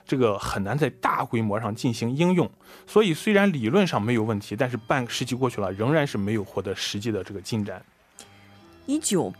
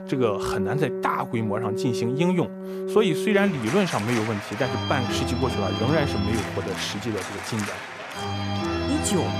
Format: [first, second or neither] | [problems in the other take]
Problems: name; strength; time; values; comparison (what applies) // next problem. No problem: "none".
first | background music; loud; throughout; 3 dB below the speech; faint in the first